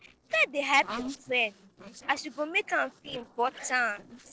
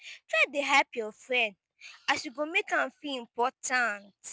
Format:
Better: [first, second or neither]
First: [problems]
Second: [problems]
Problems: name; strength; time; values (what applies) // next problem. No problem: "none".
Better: second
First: noise reduction (neural separator model SepFormer DNS4)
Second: none